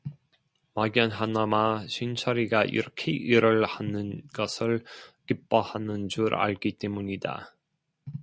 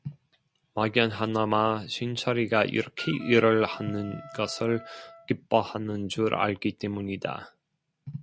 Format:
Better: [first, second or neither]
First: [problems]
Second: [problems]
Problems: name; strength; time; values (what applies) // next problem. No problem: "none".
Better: first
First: none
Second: background sound (Wind instrument, woodwind instrument); 18 dB below the speech